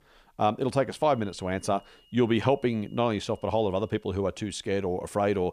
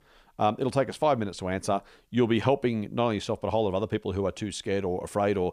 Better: second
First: high-pitched whine; faint; from 1 to 4 s; 3 kHz, 30 dB below the speech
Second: none

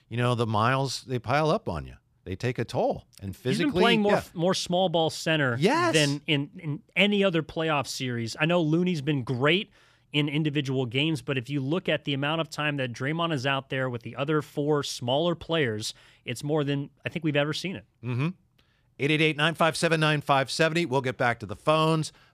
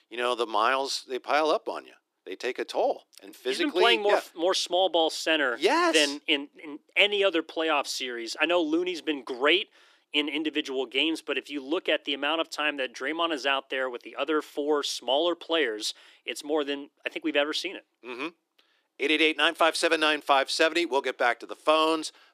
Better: first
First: none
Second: thin; somewhat; fading below 300 Hz

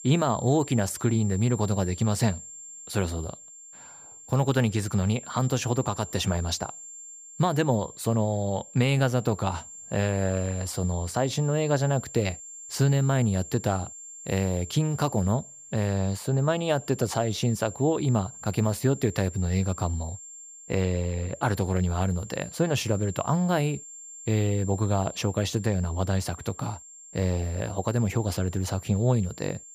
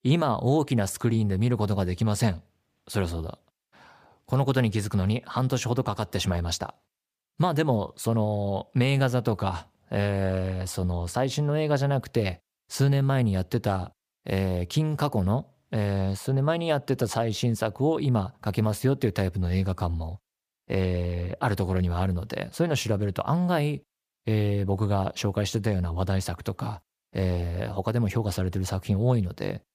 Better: second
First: high-pitched whine; noticeable; throughout; 7.5 kHz, 15 dB below the speech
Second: none

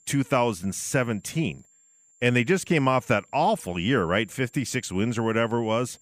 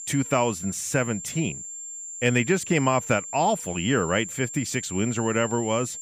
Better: first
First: high-pitched whine; faint; throughout; 7.5 kHz, 30 dB below the speech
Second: high-pitched whine; loud; throughout; 7.5 kHz, 9 dB below the speech

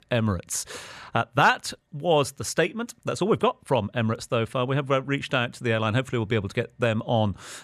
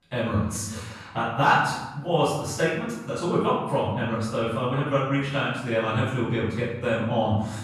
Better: first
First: none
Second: room echo; noticeable; dies away in 0.9 s // off-mic speech; far

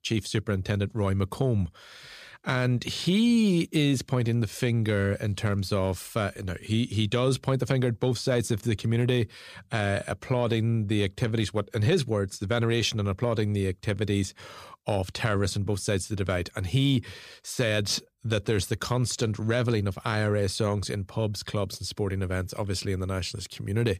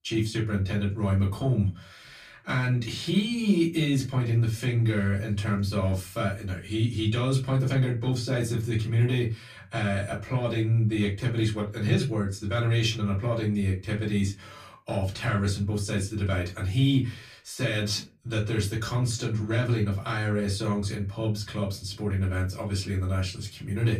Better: first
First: none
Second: off-mic speech; far // room echo; very slight; dies away in 0.2 s

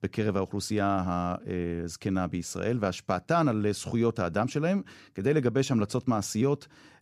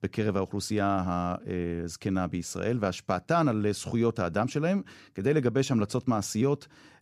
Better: neither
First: none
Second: none

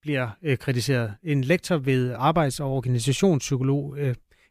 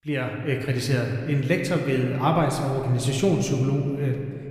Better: first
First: none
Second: room echo; slight; dies away in 2 s

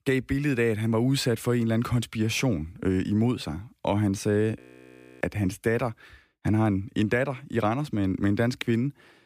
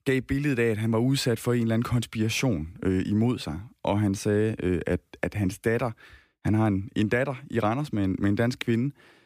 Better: second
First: audio freezing; at 4.5 s for 0.5 s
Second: none

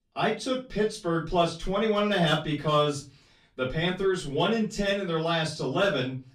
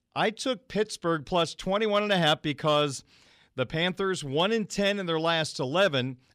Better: second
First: off-mic speech; far // room echo; slight; dies away in 0.3 s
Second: none

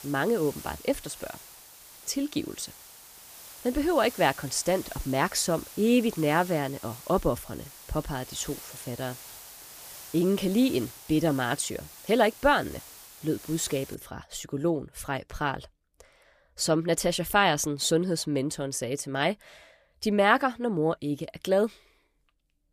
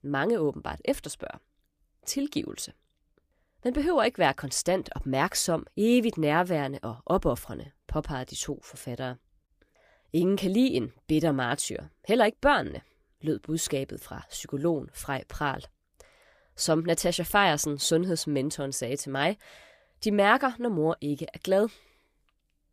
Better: second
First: hiss; noticeable; until 14 s; 15 dB below the speech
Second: none

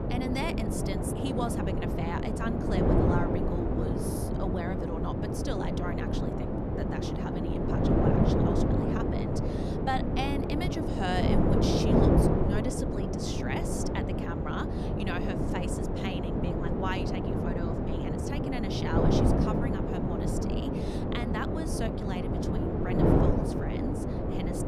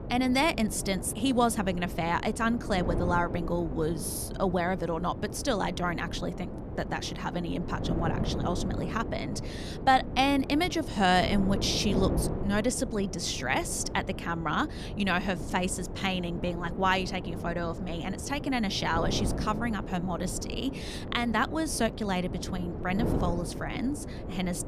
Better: second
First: wind noise on the microphone; heavy; 4 dB above the speech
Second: wind noise on the microphone; occasional gusts; 10 dB below the speech

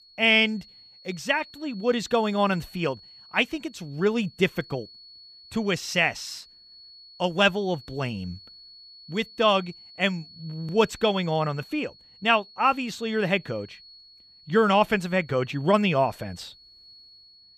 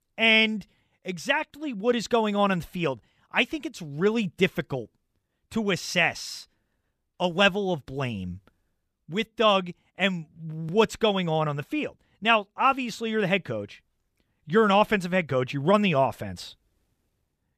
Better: second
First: high-pitched whine; faint; throughout; 4.5 kHz, 20 dB below the speech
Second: none

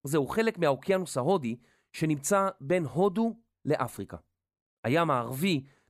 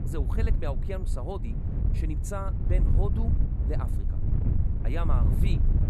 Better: first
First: none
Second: wind noise on the microphone; heavy; 4 dB below the speech

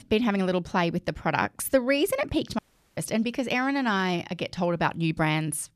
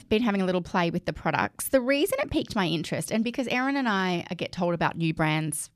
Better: second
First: audio cutting out; at 2.5 s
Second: none

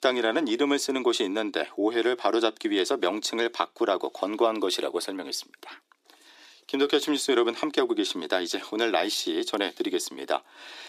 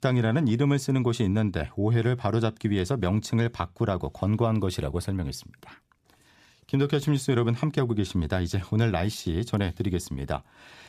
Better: second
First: thin; somewhat; fading below 300 Hz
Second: none

